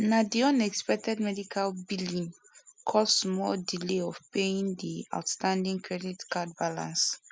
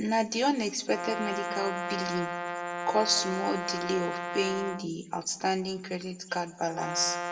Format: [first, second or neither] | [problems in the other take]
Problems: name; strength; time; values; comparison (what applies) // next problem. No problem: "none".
first | background sound (Brass instrument); 5 dB below the speech // room echo; dies away in 0.9 s